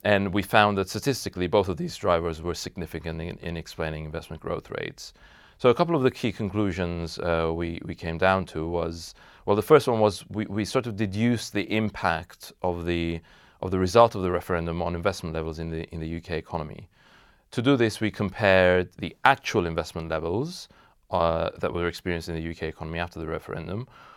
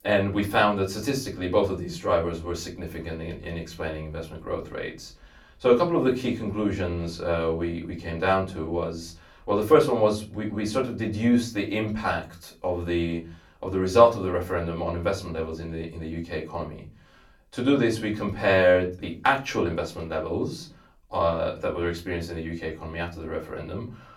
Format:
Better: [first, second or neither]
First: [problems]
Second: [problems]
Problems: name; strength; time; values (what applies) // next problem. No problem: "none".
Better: first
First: none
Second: off-mic speech; far // room echo; very slight; dies away in 0.3 s